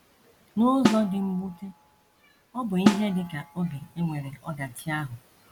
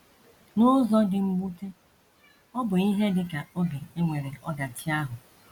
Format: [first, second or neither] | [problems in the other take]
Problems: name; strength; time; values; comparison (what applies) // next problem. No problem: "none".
second | background sound (Snare drum); 2 dB below the speech